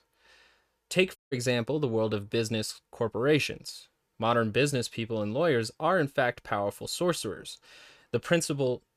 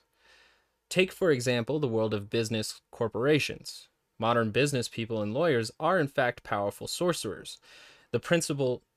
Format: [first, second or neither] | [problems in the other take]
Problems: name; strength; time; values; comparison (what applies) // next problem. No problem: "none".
second | audio cutting out; at 1 s